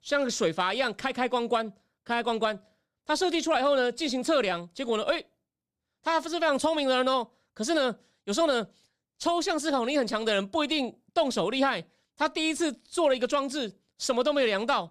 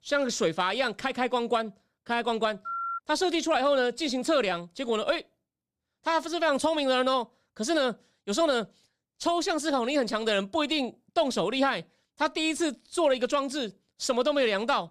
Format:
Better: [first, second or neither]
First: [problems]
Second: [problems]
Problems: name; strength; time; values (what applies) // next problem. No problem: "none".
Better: first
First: none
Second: phone ringing; noticeable; at 2.5 s; peak 5 dB below the speech